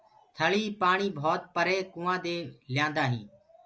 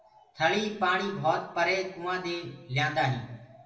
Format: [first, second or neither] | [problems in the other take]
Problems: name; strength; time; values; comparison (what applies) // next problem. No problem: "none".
first | room echo; dies away in 0.6 s